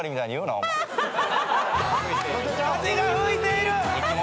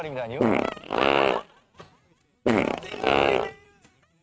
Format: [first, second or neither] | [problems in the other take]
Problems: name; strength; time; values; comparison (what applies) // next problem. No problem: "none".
first | noise reduction (neural mask model RNNoise)